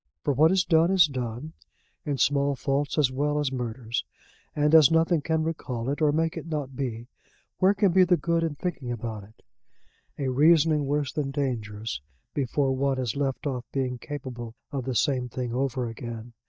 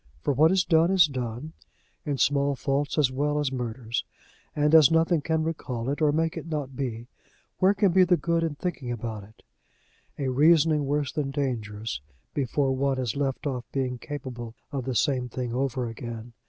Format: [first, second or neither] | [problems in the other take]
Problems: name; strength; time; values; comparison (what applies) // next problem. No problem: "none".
second | noise reduction (neural mask model DeepFilterNet 3)